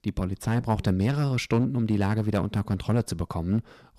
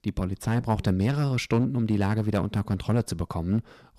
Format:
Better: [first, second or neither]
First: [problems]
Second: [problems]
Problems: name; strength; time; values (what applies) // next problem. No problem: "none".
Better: neither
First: distortion; slight; 4% of the sound clipped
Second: distortion; slight; 4% of the sound clipped